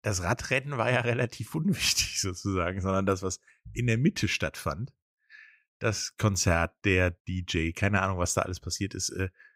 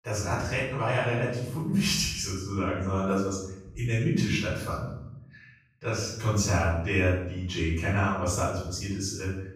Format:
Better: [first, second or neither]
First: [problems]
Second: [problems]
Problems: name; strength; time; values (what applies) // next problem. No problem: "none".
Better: first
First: none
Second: off-mic speech; far // room echo; noticeable; dies away in 0.7 s